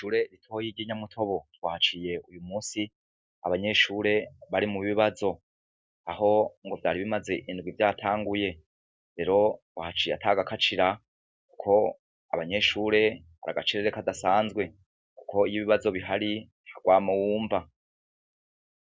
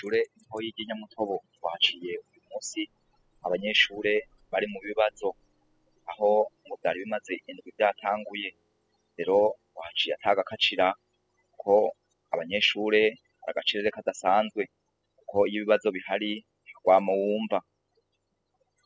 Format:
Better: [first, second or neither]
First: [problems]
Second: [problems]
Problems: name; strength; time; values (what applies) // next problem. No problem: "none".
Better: first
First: none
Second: noise reduction (classical method spectral subtraction)